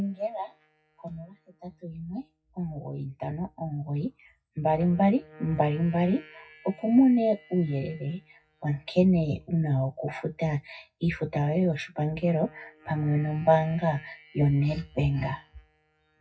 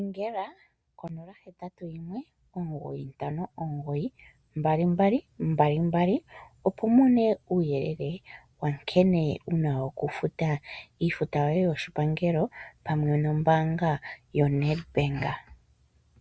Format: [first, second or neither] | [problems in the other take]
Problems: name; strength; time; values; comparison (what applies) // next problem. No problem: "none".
second | noise reduction (classical method WPE with log-MMSE)